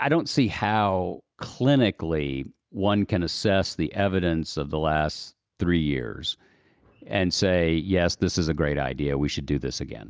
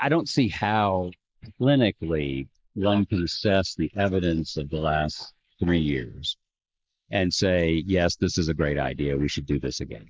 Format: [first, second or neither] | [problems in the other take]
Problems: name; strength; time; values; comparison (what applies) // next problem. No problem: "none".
first | noise reduction (neural mask model Resemble Enhance denoiser)